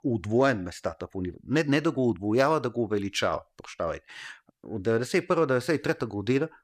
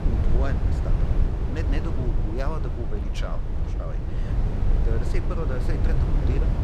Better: first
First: none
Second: low rumble; loud; throughout; 1 dB below the speech

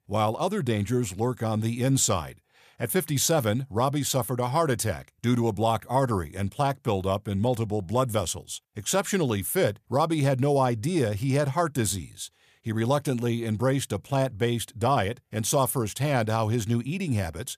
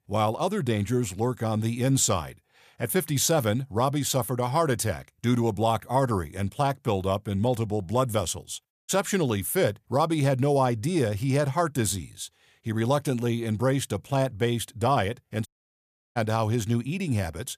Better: first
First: none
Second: audio cutting out; at 8.5 s and at 15 s for 0.5 s

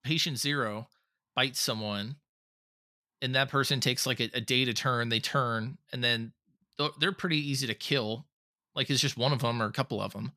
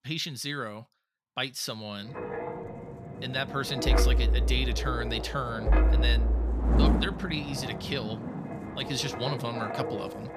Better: first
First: none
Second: wind noise on the microphone; heavy; from 2 s on; 4 dB below the speech

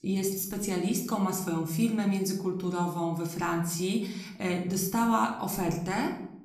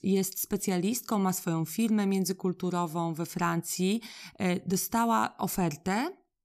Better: second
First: room echo; slight; dies away in 0.6 s // off-mic speech; somewhat distant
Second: none

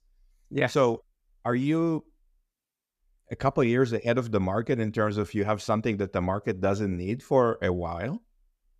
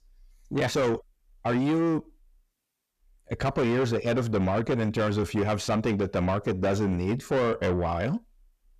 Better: first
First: none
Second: distortion; heavy; 6 dB below the speech

